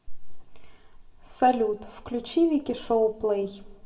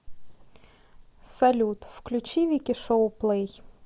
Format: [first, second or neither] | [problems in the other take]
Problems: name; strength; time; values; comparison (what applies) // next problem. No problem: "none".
second | room echo; dies away in 0.4 s